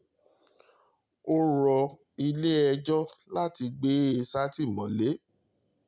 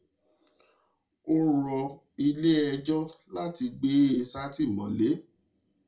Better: first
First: none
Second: room echo; dies away in 0.2 s

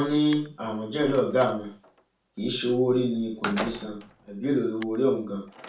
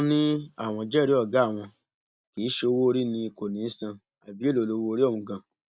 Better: second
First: background sound (Slam); 15 dB below the speech // room echo; dies away in 0.3 s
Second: none

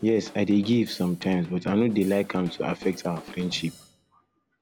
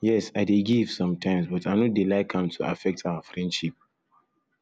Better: second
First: background sound (Drum kit); 20 dB below the speech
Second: none

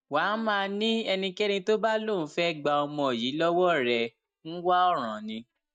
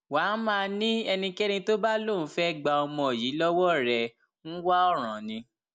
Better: second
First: noise reduction (neural mask model DeepFilterNet 3)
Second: none

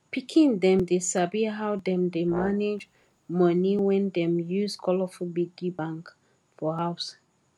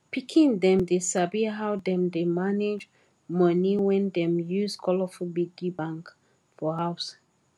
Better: second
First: background sound (Brass instrument); 15 dB below the speech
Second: none

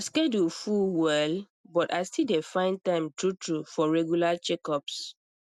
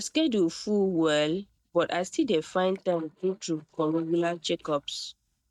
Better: first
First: none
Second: noise reduction (neural mask model DeepFilterNet 3)

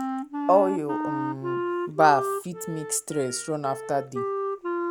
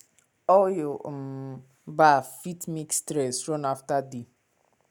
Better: second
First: background sound (Wind instrument, woodwind instrument); 4 dB below the speech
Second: none

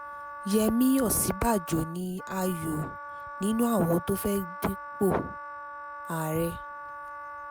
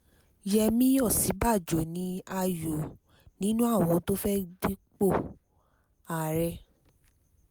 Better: second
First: background sound (Wind instrument, woodwind instrument); 11 dB below the speech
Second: none

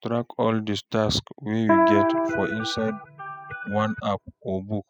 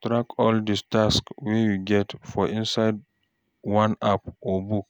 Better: second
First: noise reduction (classical method spectral subtraction)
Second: none

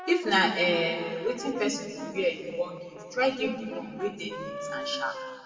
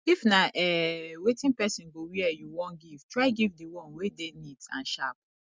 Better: second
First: background sound (Brass instrument); 12 dB below the speech // room echo; dies away in 2.2 s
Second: none

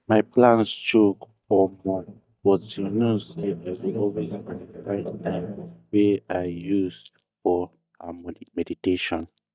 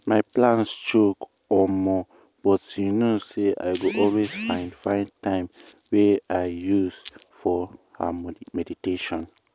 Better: second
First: noise reduction (neural mask model DeepFilterNet 3)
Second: none

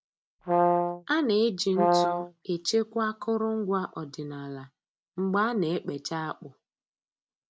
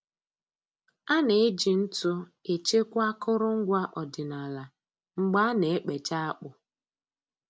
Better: second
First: background sound (Brass instrument); 3 dB above the speech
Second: none

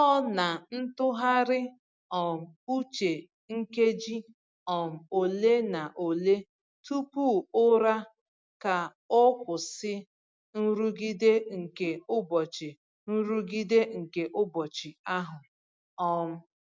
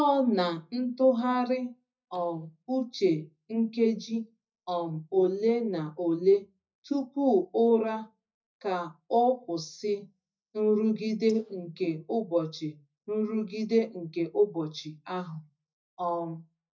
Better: first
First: none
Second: noise reduction (neural mask model DeepFilterNet 3)

